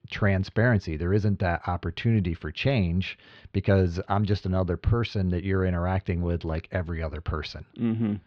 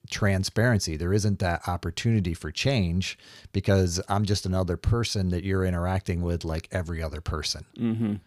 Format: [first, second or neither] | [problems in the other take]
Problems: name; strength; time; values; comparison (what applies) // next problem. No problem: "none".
second | muffled; slightly; fading above 3.5 kHz